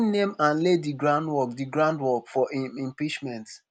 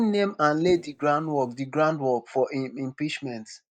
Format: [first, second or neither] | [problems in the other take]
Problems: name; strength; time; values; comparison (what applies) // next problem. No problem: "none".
first | noise reduction (neural mask model DeepFilterNet 3)